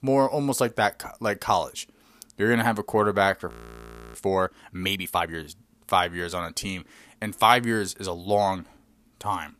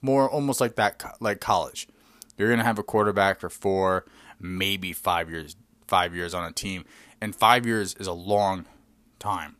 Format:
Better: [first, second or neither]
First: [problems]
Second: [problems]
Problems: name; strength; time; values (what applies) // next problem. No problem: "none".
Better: second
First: audio freezing; at 3.5 s for 0.5 s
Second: none